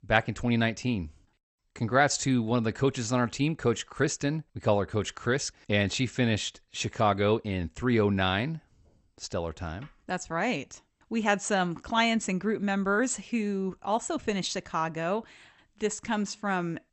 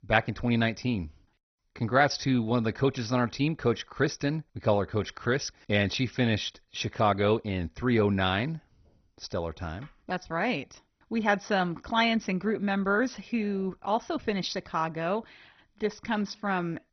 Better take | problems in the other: first | garbled, watery; badly; nothing above 6 kHz; slightly in the first

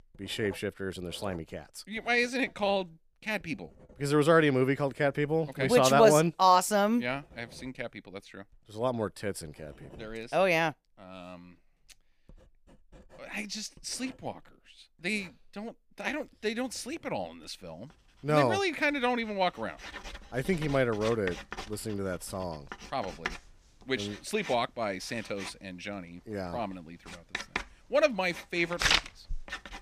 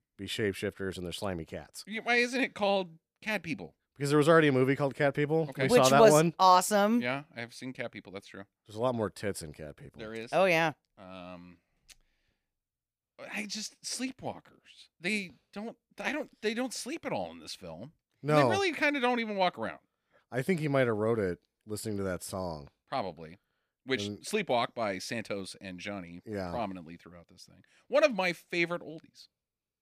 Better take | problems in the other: second | household noises; loud; throughout; 7 dB below the speech

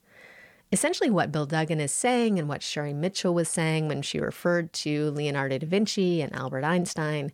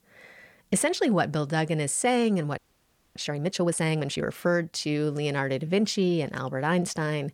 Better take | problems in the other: first | audio freezing; at 2.5 s for 0.5 s

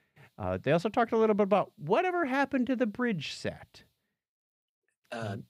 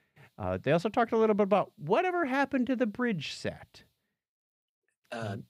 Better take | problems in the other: neither | none

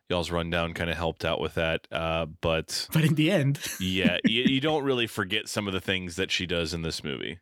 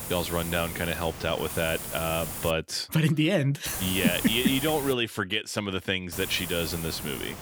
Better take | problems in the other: first | hiss; loud; until 2.5 s, from 3.5 to 5 s and from 6 s on; 7 dB below the speech

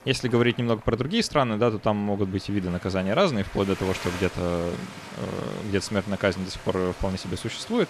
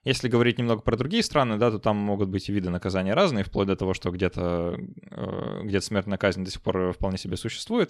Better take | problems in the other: second | rain or running water; noticeable; throughout; 15 dB below the speech

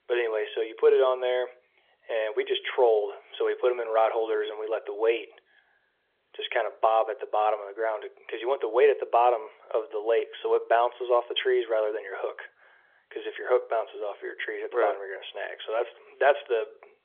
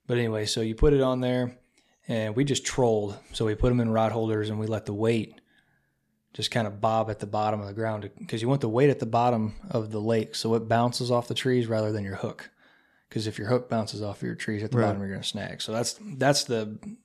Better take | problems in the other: second | phone-call audio; nothing above 3.5 kHz

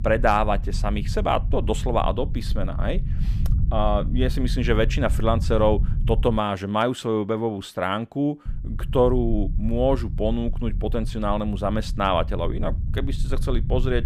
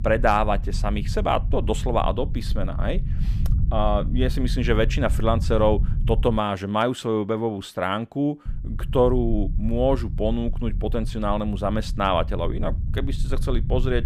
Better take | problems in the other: neither | low rumble; noticeable; until 6.5 s and from 8.5 s on; 20 dB below the speech; the same in both

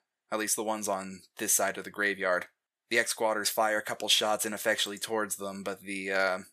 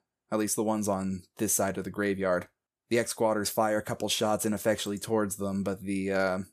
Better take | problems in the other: second | thin; somewhat; fading below 750 Hz

